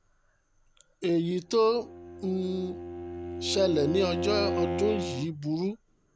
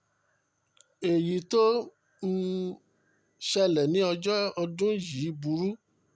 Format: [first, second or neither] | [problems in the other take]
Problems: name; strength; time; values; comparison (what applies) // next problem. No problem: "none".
second | background sound (Bowed string instrument); 6 dB below the speech